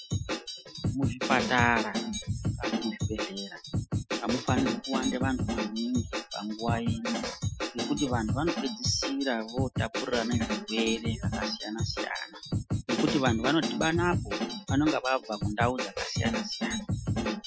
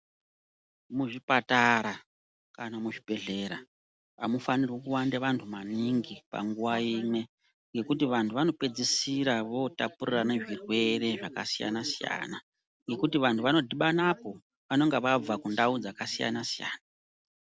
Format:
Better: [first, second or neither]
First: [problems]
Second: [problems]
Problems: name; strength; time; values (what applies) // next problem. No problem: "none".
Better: second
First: noise reduction (classical method Wiener filter)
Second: none